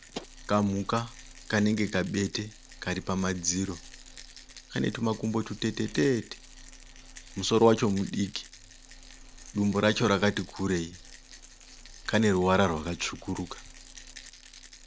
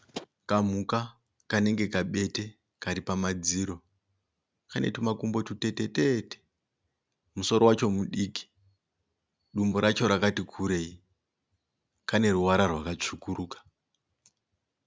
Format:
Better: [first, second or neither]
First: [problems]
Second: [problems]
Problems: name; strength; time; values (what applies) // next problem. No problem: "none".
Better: second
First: background sound (Rattle); 18 dB below the speech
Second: none